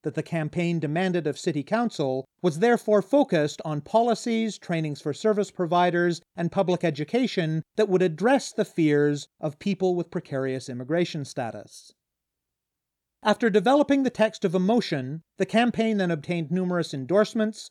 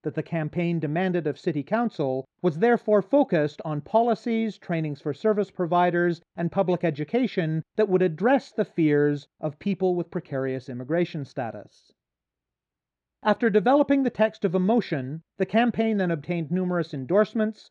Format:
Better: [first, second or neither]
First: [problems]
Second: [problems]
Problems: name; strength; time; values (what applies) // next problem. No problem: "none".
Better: first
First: none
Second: muffled; slightly; fading above 2.5 kHz